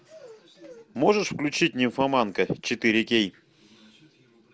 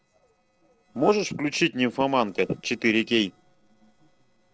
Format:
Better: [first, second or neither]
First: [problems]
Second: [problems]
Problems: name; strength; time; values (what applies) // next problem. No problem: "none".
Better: first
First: none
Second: noise reduction (neural separator model SepFormer DNS4)